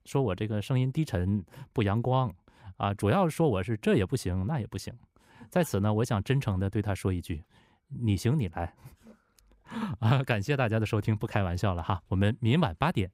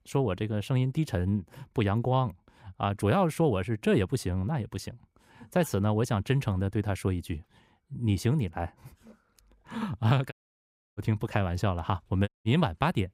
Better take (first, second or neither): first